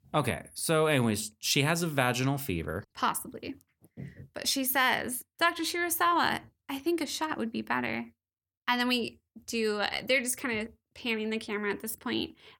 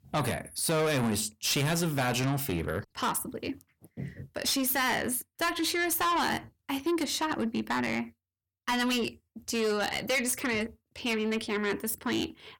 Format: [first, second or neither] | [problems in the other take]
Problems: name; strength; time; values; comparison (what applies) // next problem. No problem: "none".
first | distortion; heavy; 7 dB below the speech